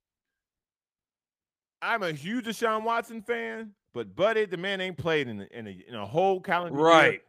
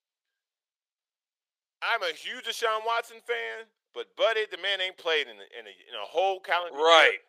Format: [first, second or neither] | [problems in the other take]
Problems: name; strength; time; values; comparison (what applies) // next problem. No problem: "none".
first | thin; very; fading below 500 Hz